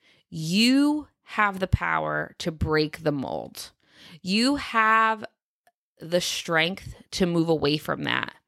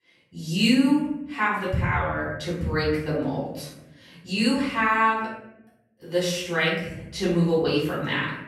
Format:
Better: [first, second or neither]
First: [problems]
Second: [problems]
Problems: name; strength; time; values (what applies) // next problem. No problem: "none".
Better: first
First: none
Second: off-mic speech; far // room echo; noticeable; dies away in 0.8 s